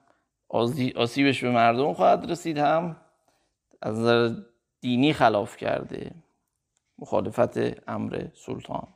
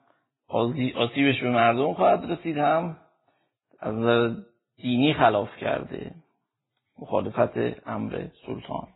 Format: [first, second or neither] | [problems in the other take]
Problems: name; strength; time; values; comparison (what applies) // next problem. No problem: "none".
first | garbled, watery; badly; nothing above 4 kHz